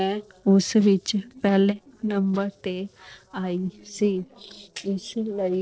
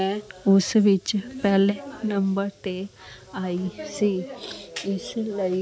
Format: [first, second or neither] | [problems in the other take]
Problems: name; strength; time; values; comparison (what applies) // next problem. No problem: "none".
second | noise reduction (neural separator model SepFormer DNS4)